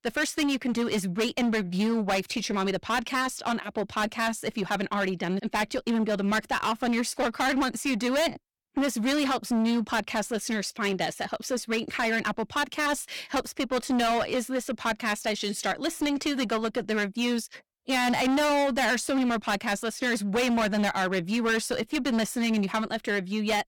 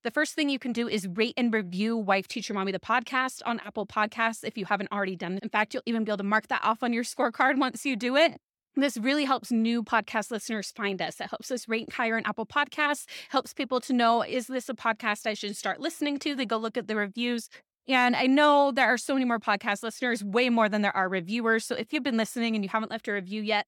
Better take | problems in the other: second | distortion; heavy; 19% of the sound clipped

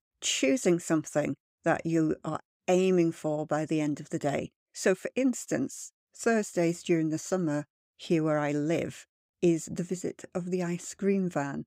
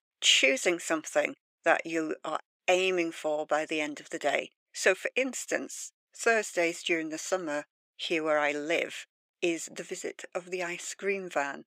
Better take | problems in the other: first | thin; somewhat; fading below 550 Hz

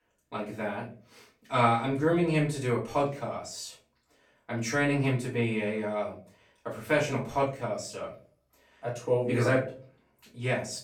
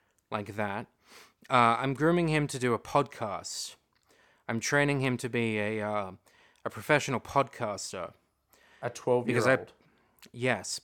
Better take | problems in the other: second | off-mic speech; far // room echo; slight; dies away in 0.3 s

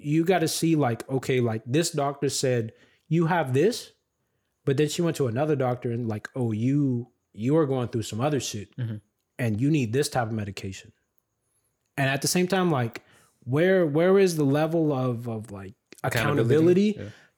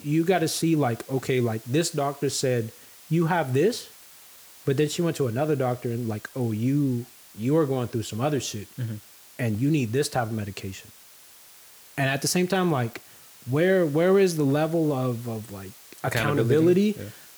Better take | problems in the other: first | hiss; faint; throughout; 20 dB below the speech

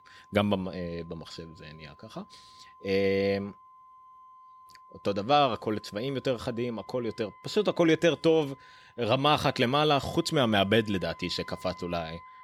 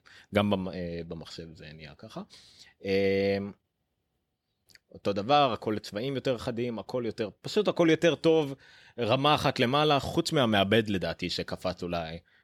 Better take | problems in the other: second | background music; faint; throughout; 25 dB below the speech

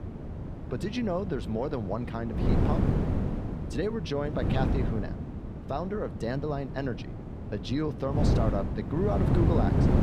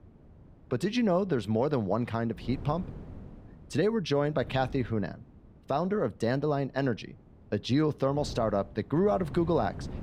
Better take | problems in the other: second | wind noise on the microphone; heavy; 4 dB below the speech; occasional gusts in the second

